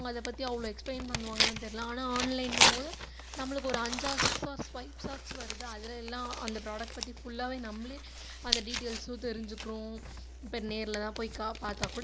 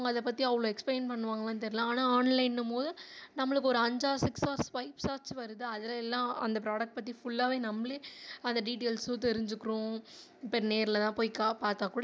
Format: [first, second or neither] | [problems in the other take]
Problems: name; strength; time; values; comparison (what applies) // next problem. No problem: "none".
second | background sound (Tearing); 2 dB above the speech